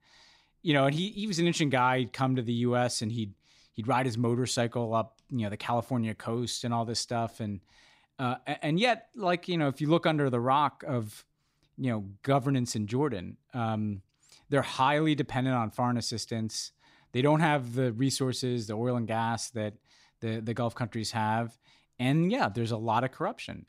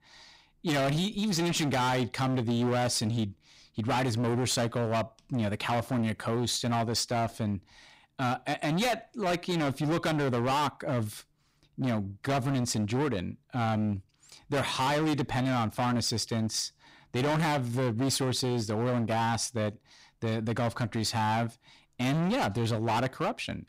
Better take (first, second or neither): first